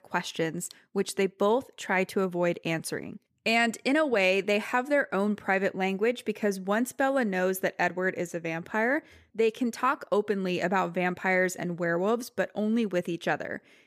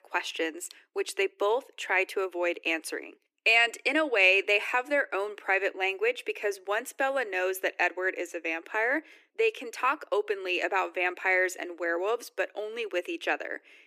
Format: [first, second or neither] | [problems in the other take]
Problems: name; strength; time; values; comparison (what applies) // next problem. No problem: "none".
first | thin; very; fading below 300 Hz